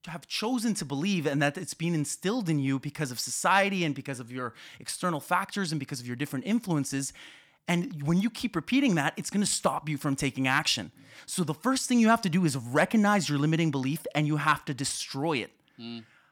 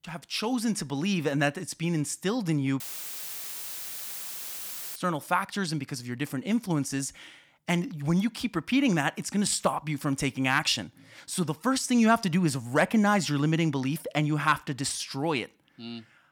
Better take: first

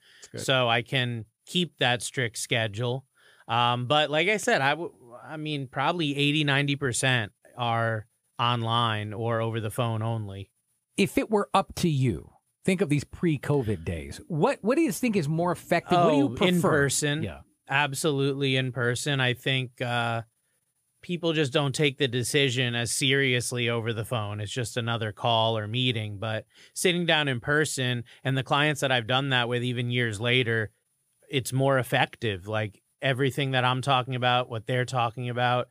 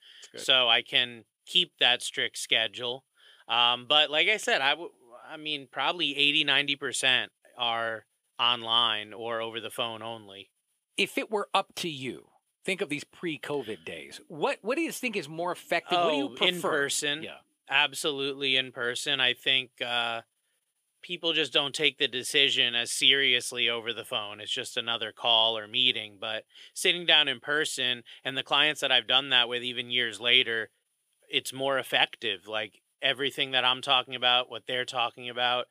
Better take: first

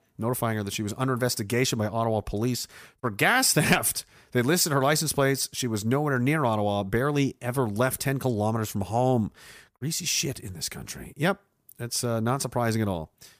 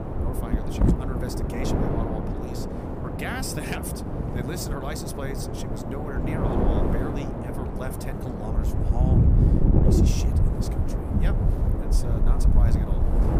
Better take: first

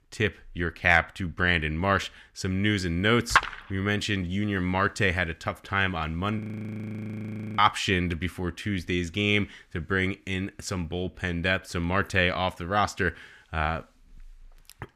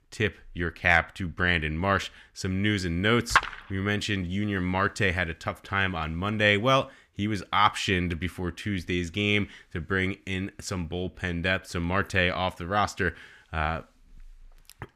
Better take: second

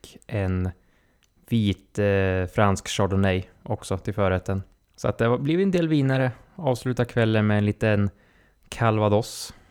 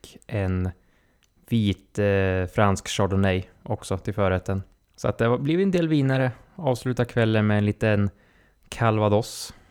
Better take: neither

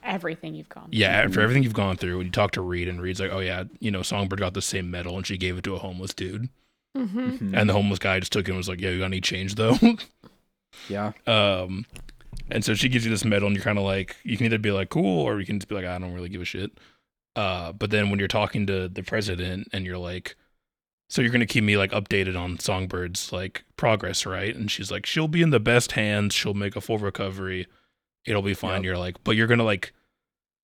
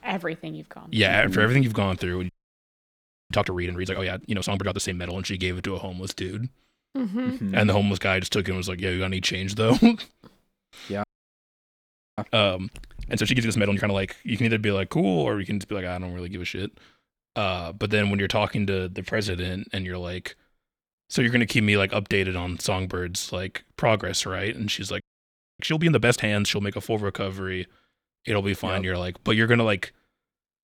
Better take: first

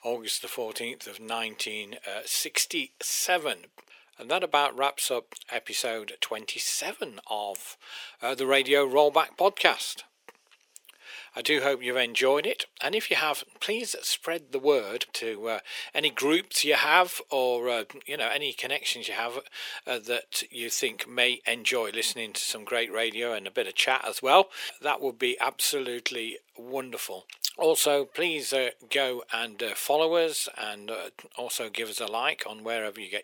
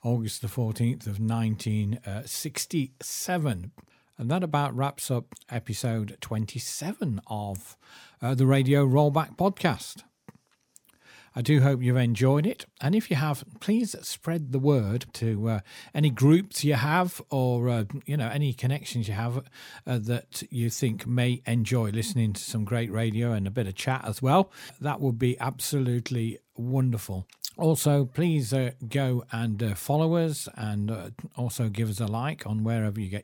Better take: second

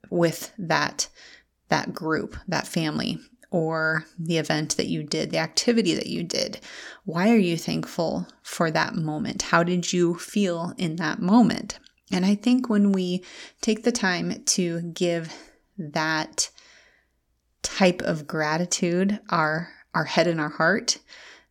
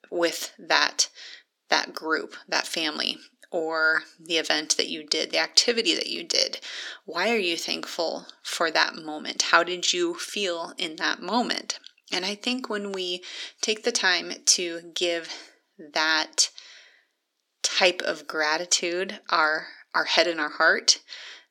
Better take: first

